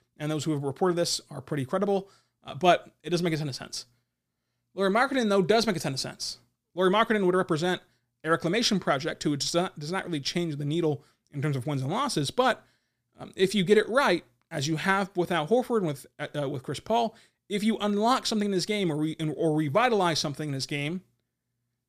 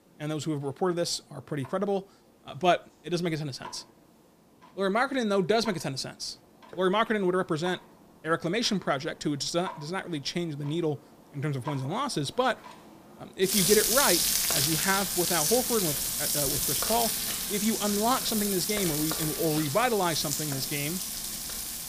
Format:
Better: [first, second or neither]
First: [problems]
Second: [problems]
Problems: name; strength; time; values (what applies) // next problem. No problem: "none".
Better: first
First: none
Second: household noises; very loud; throughout; 2 dB above the speech